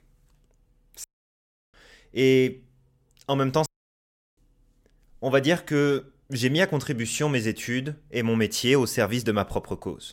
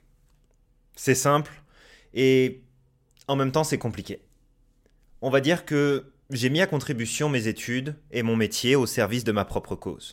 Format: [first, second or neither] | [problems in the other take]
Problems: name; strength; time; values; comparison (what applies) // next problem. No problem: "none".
second | audio cutting out; at 1 s for 0.5 s and at 3.5 s for 0.5 s